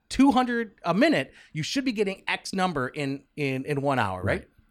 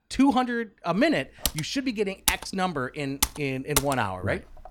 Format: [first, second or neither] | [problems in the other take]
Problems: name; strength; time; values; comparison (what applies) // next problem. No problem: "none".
first | keyboard typing; loud; from 1.5 to 4 s; peak 1 dB above the speech